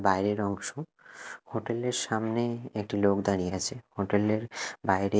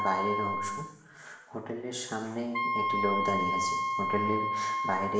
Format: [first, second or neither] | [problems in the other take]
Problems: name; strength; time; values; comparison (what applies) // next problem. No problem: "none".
first | background sound (Wind instrument, woodwind instrument); 2 dB above the speech // room echo; dies away in 1 s